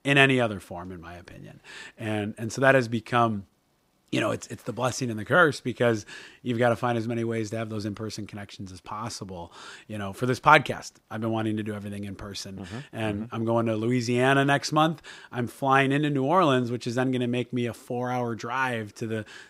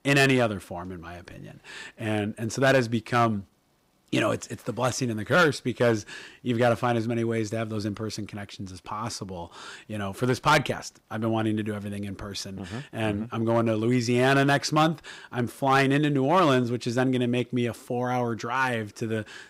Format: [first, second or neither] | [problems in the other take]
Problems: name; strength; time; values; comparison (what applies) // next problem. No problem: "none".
first | distortion; slight; 2% of the sound clipped